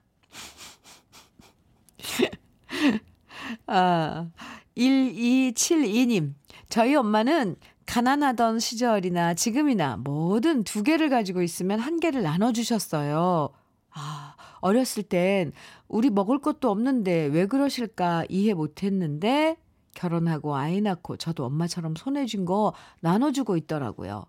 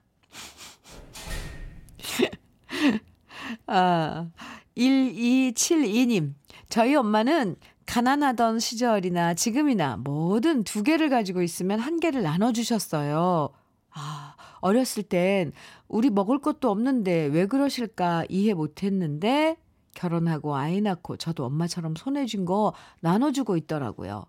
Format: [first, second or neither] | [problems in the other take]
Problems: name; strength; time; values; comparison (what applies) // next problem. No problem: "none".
first | door banging; faint; from 1 to 2 s; peak 10 dB below the speech